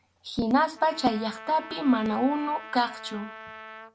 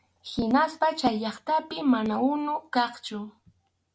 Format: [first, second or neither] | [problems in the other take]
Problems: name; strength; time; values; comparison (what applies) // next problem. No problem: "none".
second | background sound (Trumpet); 16 dB below the speech